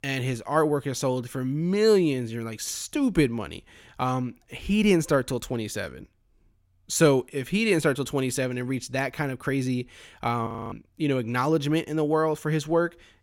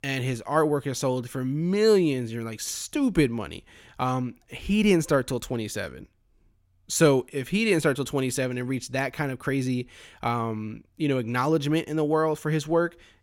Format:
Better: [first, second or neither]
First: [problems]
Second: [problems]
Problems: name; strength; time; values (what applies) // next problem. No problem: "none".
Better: second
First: audio freezing; at 10 s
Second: none